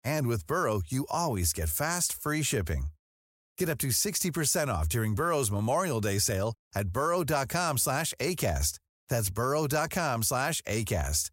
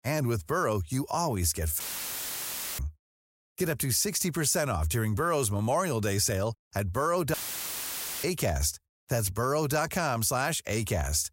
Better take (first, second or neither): first